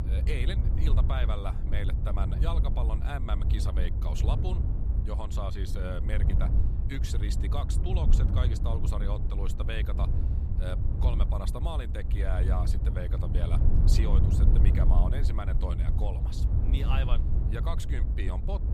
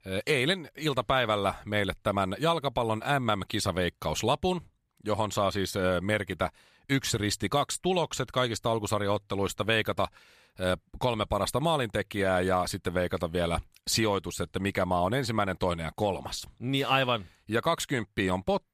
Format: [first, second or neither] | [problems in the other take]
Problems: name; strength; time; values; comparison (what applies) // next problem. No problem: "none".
second | low rumble; loud; throughout; 4 dB below the speech